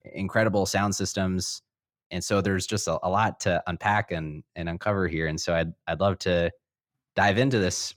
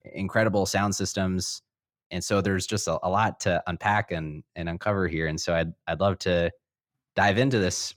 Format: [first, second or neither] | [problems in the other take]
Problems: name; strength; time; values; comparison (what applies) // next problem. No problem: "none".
neither | none